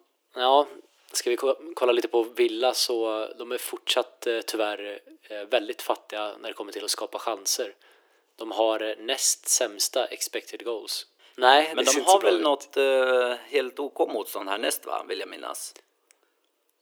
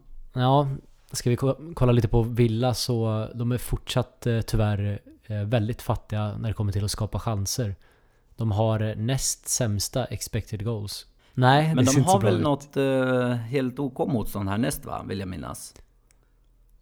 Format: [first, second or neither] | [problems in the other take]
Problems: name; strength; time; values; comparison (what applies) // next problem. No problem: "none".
second | thin; very; fading below 350 Hz